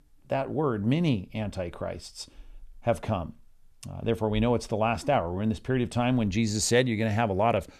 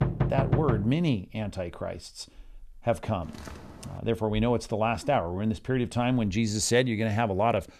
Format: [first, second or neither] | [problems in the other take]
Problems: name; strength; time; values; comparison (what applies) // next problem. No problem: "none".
first | door banging; loud; at the start; peak 2 dB above the speech // footsteps; faint; at 3 s; peak 15 dB below the speech